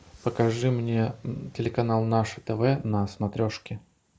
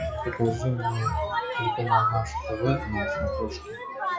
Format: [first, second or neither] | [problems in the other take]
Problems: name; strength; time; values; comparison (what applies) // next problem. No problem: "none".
first | noise reduction (classical method log-MMSE)